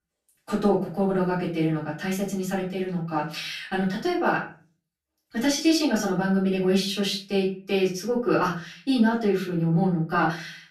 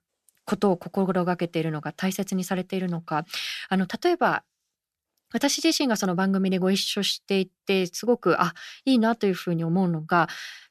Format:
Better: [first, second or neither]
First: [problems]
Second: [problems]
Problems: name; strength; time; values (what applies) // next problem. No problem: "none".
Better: second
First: off-mic speech; far // room echo; slight; dies away in 0.3 s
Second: none